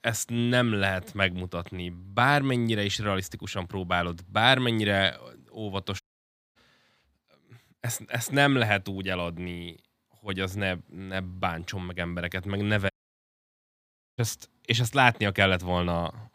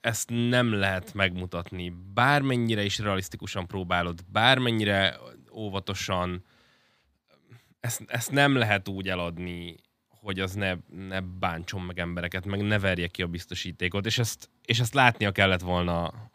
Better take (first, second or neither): second